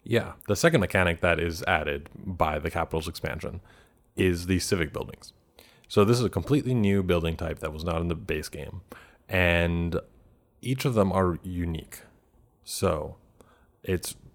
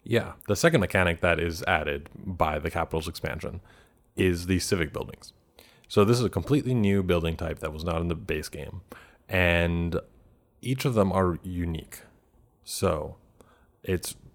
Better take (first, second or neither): neither